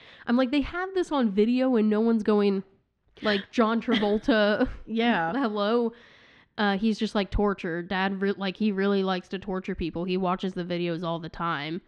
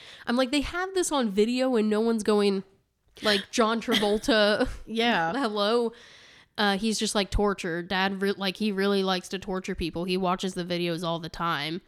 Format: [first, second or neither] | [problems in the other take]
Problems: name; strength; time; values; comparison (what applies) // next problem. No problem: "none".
second | muffled; slightly; fading above 3 kHz